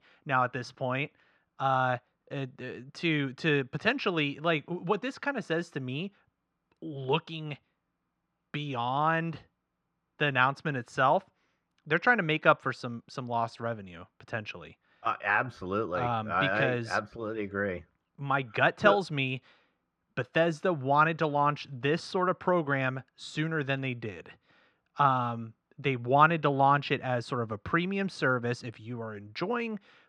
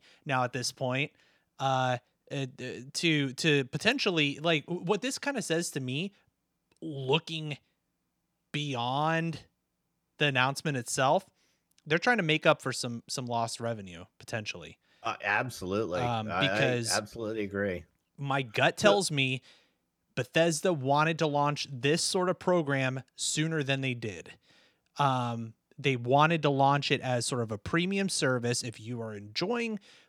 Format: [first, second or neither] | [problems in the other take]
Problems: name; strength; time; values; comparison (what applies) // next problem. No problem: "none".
second | muffled; slightly; fading above 3 kHz